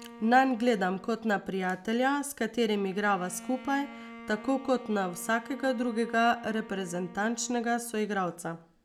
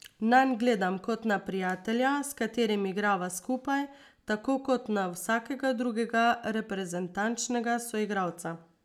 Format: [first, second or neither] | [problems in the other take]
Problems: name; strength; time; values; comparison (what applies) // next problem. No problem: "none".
second | background sound (Bowed string instrument); 18 dB below the speech